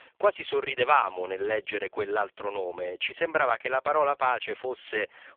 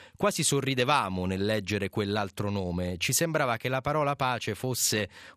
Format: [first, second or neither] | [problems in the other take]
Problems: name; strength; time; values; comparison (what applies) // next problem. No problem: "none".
second | phone-call audio; poor line; nothing above 3.5 kHz